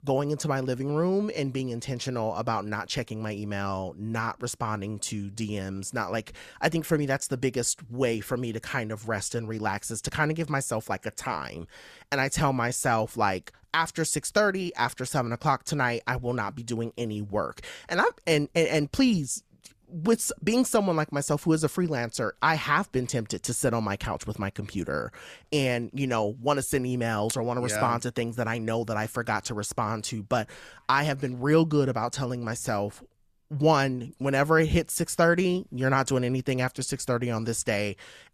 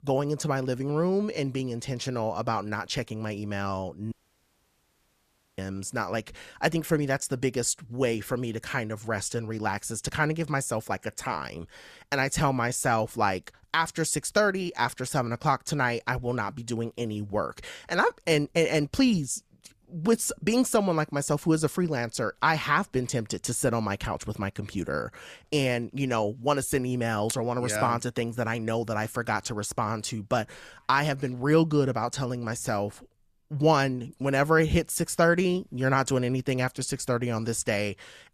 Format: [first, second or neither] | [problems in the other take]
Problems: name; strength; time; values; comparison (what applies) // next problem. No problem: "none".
first | audio cutting out; at 4 s for 1.5 s